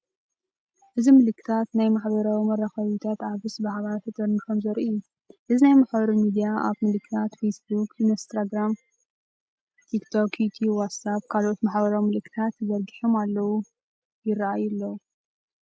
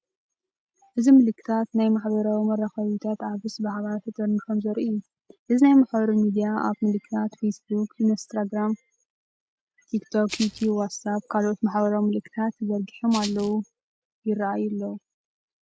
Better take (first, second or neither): first